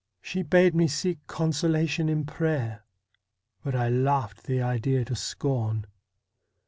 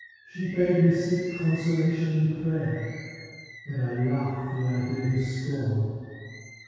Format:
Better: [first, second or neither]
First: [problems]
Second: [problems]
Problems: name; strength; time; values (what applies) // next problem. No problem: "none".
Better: first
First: none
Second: background sound (Bird); 19 dB below the speech // room echo; dies away in 2 s